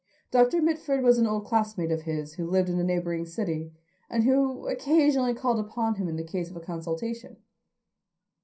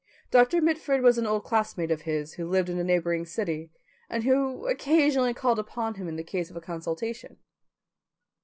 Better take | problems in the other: second | room echo; dies away in 0.3 s

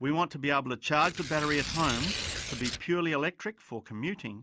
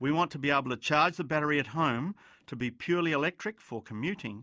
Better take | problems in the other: second | background sound (Tearing); 6 dB below the speech

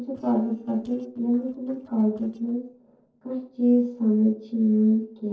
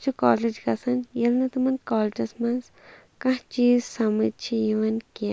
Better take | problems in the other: second | noise reduction (neural separator model SepFormer DNS4)

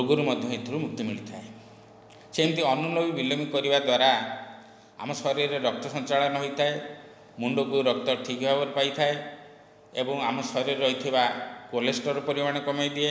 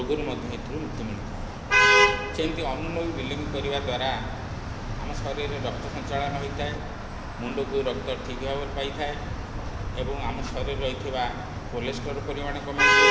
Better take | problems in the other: first | background sound (Traffic noise, roadway noise / Vehicle horn, car horn, honking); 5 dB above the speech // room echo; dies away in 0.3 s

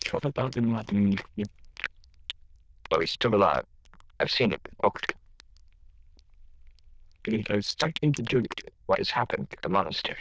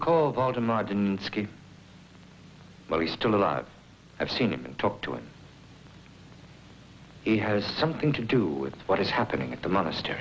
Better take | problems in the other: second | noise reduction (neural diffusion model UNIVERSE++)

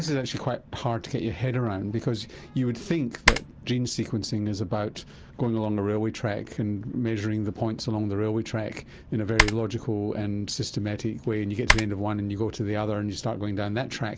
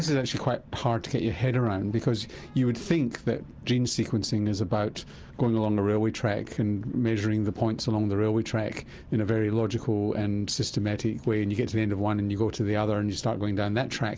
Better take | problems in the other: second | background sound (Typing); 1 dB below the speech

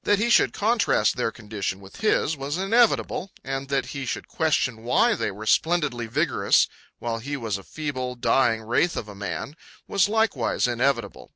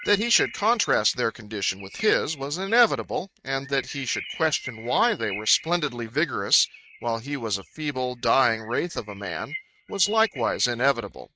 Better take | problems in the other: first | noise reduction (neural mask model RNNoise)

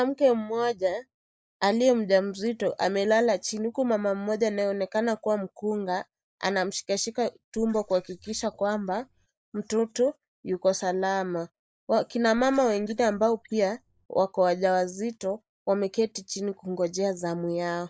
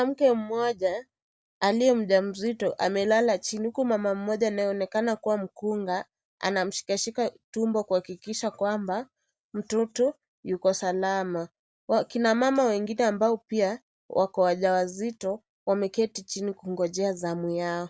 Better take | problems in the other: second | noise reduction (neural mask model Resemble Enhance denoiser)

